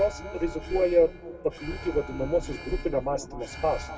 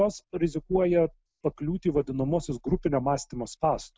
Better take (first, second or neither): second